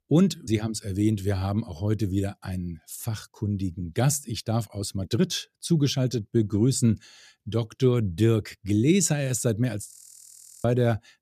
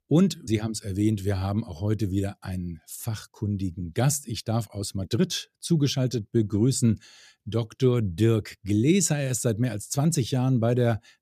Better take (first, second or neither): second